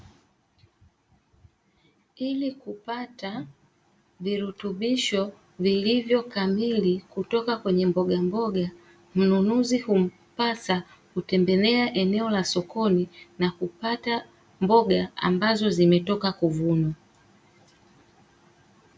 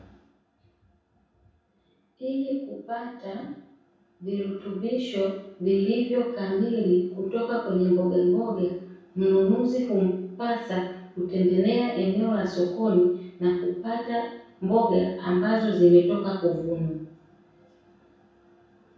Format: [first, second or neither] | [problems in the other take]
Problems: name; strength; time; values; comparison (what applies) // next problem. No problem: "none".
first | room echo; dies away in 0.7 s